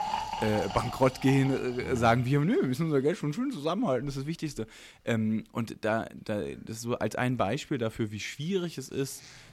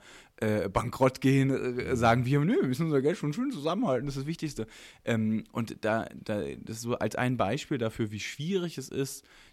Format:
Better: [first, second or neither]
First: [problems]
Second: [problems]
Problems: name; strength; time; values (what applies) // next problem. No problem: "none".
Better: second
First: household noises; loud; throughout; 9 dB below the speech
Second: none